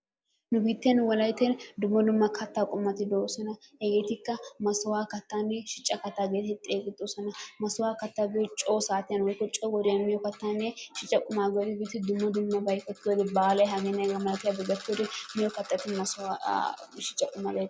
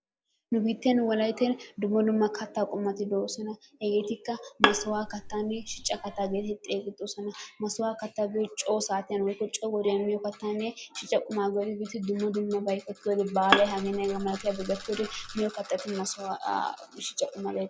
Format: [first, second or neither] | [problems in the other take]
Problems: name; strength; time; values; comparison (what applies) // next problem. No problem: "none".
first | background sound (Bowed string instrument); 2 dB below the speech